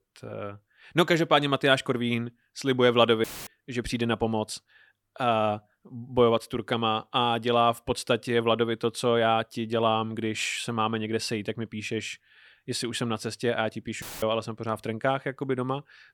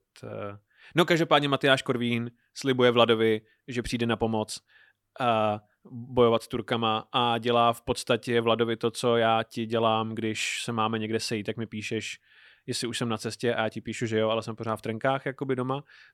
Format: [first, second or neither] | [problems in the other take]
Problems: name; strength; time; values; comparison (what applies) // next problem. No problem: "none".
second | audio cutting out; filled with static; at 3 s and at 14 s